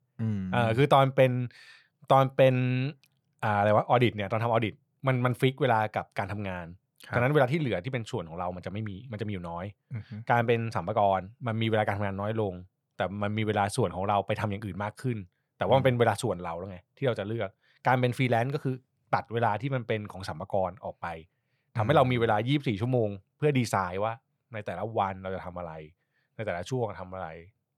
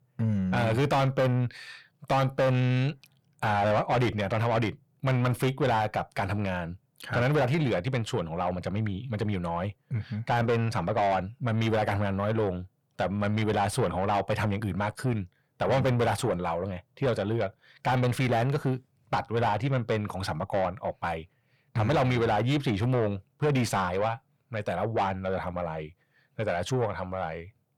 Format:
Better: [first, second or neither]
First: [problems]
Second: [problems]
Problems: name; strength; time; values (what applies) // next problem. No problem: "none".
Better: first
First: none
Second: distortion; heavy; 6 dB below the speech